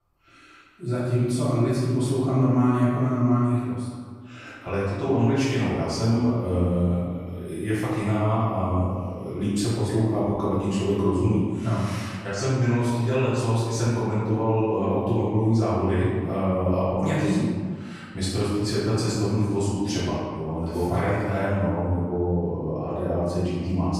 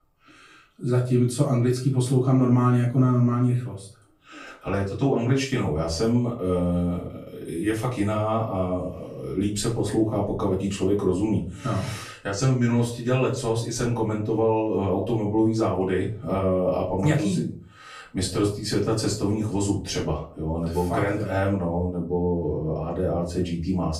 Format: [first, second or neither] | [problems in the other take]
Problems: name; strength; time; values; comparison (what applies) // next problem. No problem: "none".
second | room echo; strong; dies away in 1.6 s; slight in the second // off-mic speech; far; far in the second